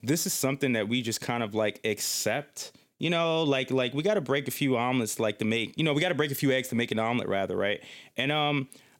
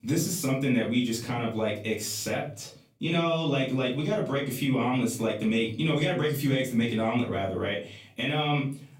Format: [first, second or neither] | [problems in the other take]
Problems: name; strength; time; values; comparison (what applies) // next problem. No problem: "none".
first | room echo; slight; dies away in 0.5 s // off-mic speech; far